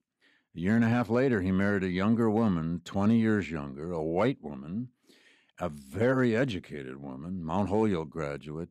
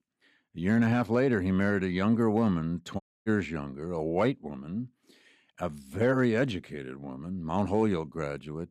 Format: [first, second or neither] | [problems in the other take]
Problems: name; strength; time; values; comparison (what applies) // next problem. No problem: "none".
first | audio cutting out; at 3 s